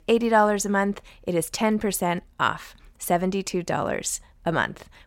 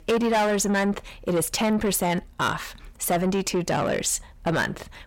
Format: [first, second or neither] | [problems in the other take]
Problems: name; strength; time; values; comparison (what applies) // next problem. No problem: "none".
first | distortion; heavy; 6 dB below the speech